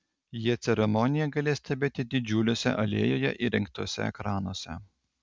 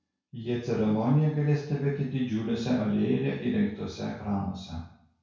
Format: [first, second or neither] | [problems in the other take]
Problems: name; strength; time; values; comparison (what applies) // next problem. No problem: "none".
first | room echo; dies away in 0.6 s